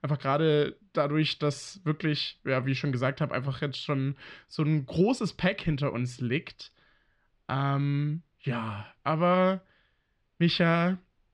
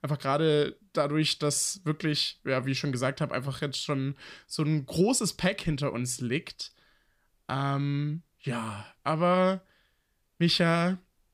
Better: second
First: muffled; very slightly; fading above 3 kHz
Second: none

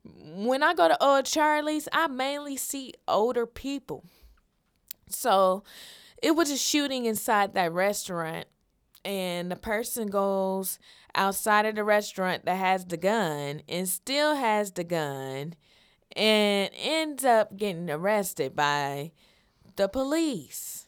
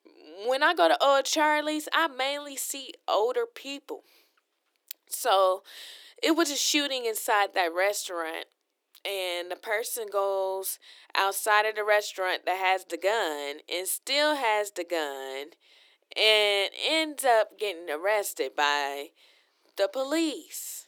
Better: first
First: none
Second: thin; somewhat; fading below 300 Hz

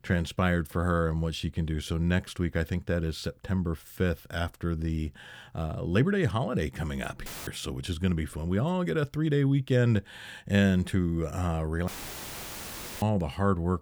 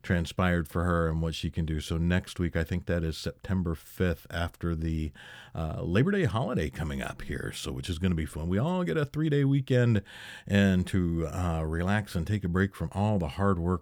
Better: second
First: audio cutting out; filled with static; at 7.5 s and at 12 s for 1 s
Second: none

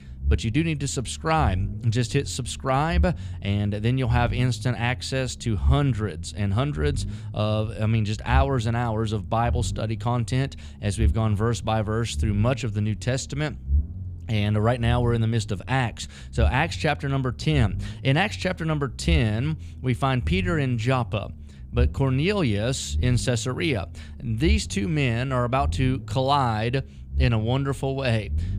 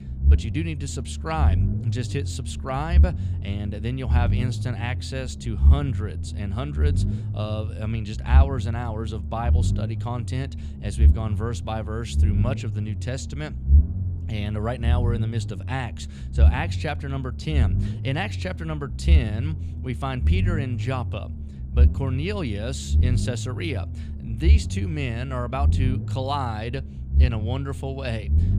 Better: first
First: low rumble; faint; throughout; 20 dB below the speech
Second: low rumble; loud; throughout; 8 dB below the speech

